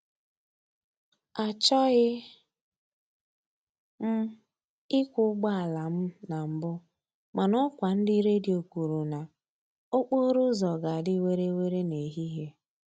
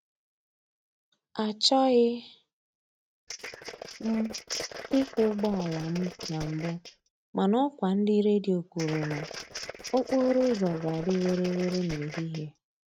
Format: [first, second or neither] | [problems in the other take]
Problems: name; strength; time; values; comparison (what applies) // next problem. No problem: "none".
first | noise reduction (neural mask model RNNoise)